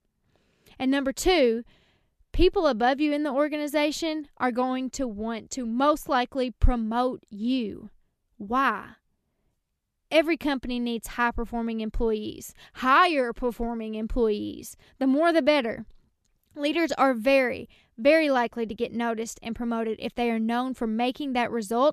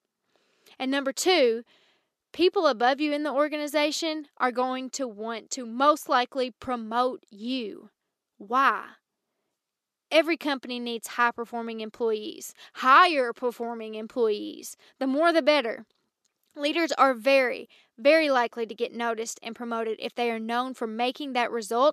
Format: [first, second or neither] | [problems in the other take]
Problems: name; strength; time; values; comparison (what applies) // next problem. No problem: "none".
first | thin; very slightly; fading below 350 Hz